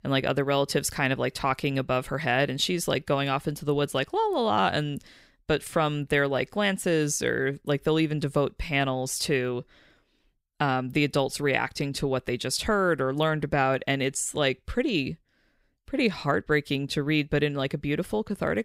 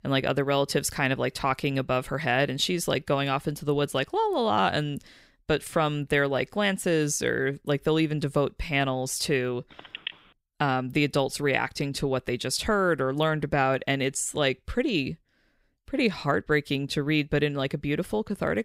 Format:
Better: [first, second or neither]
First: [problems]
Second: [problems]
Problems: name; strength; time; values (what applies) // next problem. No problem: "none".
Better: first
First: none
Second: phone ringing; faint; at 9.5 s; peak 10 dB below the speech